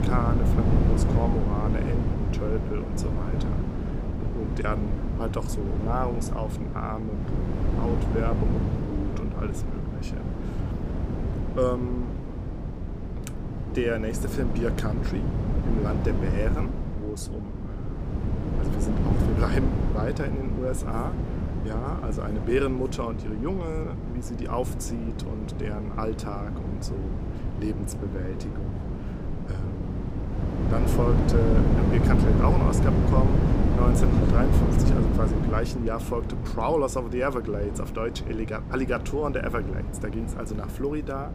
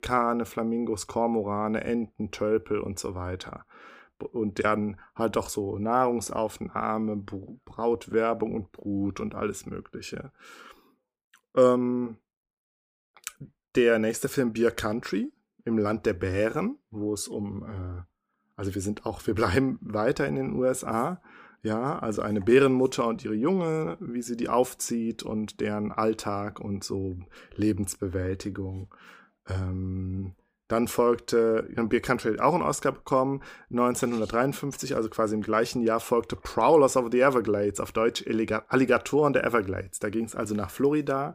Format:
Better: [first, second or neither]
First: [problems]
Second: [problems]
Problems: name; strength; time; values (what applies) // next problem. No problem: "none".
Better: second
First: wind noise on the microphone; heavy; 3 dB below the speech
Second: none